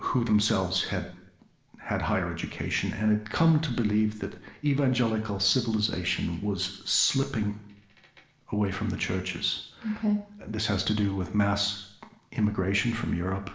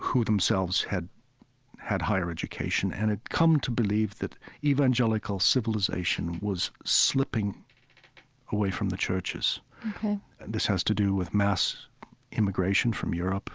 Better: second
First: room echo; dies away in 0.7 s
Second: none

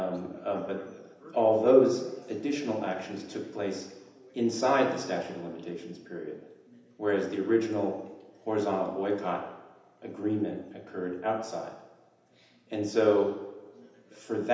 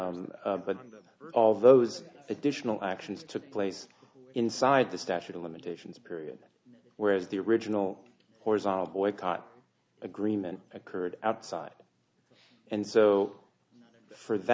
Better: second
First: room echo; dies away in 0.9 s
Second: none

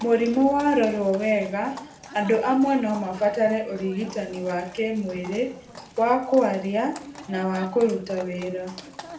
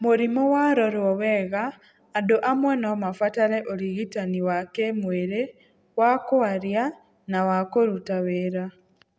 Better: second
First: background sound (Livestock, farm animals, working animals); 18 dB below the speech // room echo; dies away in 0.4 s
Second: none

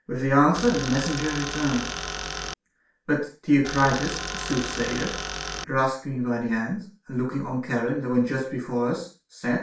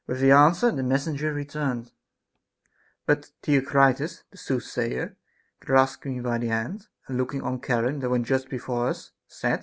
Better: second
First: background sound (Tools); 6 dB below the speech // room echo; dies away in 0.4 s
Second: none

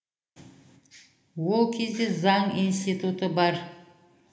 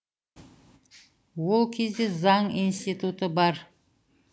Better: second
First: room echo; dies away in 0.8 s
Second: none

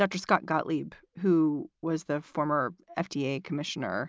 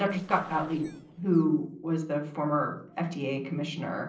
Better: first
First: none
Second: noise reduction (neural separator model SepFormer DNS4)

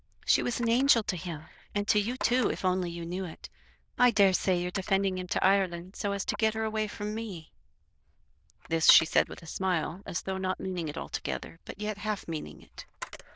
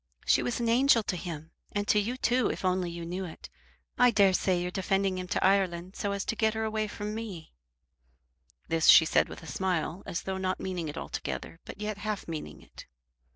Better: second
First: noise reduction (neural diffusion model UNIVERSE++)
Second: none

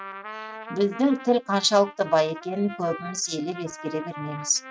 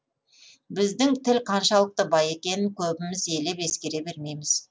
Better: second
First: noise reduction (neural mask model RNNoise)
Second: none

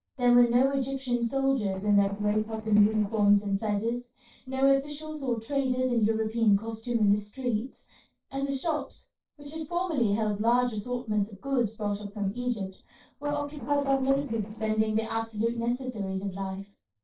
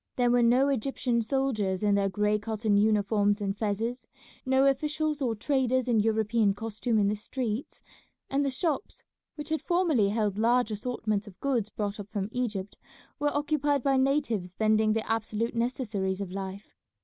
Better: second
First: noise reduction (neural separator model SepFormer DNS4)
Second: none

